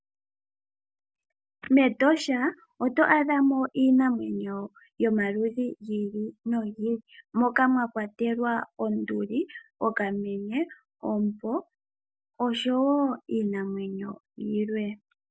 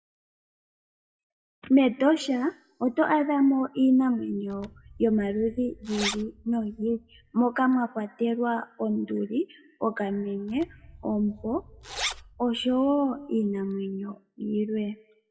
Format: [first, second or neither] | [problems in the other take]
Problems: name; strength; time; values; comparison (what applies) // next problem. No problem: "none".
first | noise reduction (classical method WPE with log-MMSE)